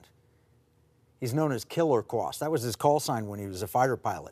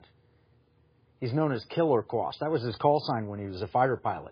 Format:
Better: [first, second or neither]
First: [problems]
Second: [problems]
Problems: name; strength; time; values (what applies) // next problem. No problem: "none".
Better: first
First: none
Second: garbled, watery; badly; nothing above 5 kHz